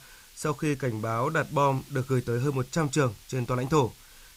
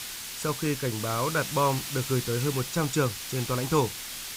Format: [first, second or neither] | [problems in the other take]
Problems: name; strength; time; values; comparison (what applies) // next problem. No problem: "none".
first | hiss; loud; throughout; 5 dB below the speech; faint in the first